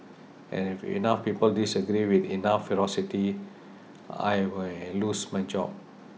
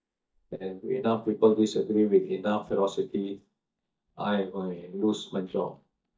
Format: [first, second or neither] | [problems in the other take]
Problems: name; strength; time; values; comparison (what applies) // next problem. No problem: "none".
first | noise reduction (neural mask model DeepFilterNet 3)